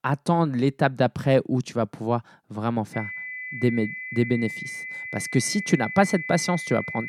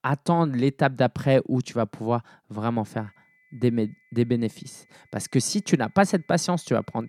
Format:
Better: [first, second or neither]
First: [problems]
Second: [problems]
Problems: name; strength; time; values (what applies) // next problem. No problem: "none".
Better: second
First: high-pitched whine; loud; from 3 s on; 2 kHz, 8 dB below the speech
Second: high-pitched whine; faint; from 3 s on; 2 kHz, 35 dB below the speech